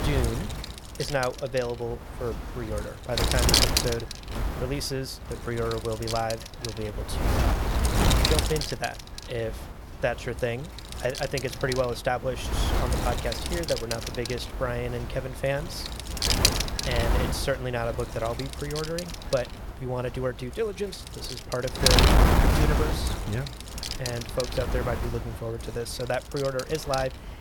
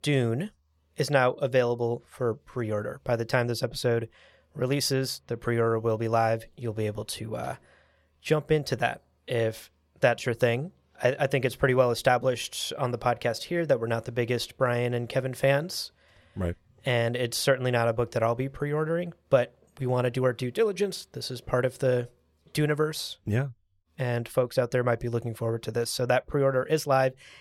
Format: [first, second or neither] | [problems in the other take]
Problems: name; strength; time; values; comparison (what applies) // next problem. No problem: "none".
second | wind noise on the microphone; heavy; 2 dB above the speech